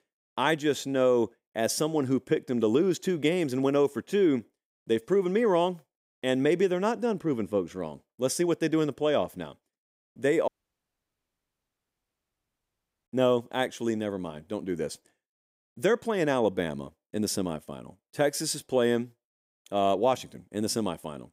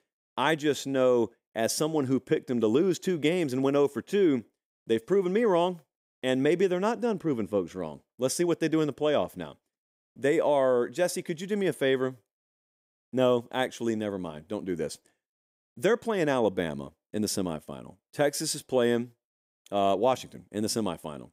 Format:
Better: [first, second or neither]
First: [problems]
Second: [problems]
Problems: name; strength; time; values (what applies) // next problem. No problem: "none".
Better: second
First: audio cutting out; at 10 s for 2.5 s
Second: none